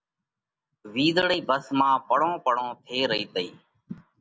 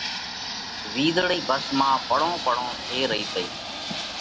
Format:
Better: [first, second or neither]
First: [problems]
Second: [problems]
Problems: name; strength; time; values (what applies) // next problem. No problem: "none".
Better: first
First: none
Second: background sound (Fixed-wing aircraft, airplane); 6 dB below the speech